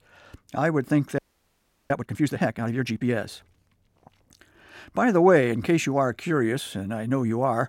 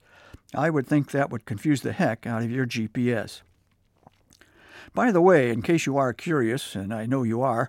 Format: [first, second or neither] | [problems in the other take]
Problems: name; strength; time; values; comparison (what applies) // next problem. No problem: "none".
second | audio freezing; at 1 s for 0.5 s